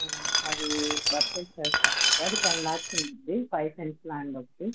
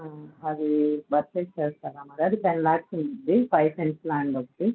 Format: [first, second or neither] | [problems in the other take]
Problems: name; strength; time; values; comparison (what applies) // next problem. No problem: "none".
second | background sound (Glass); 4 dB above the speech